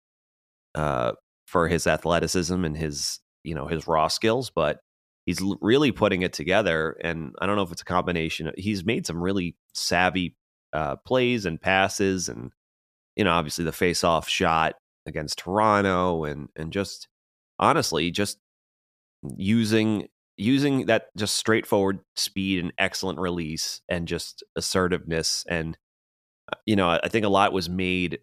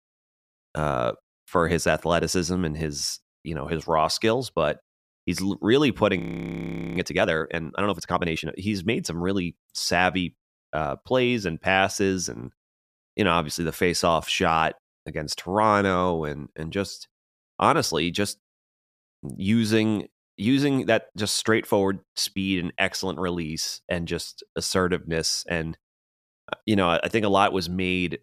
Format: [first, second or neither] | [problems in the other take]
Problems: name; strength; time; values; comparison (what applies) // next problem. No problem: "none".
first | audio freezing; at 6 s for 1 s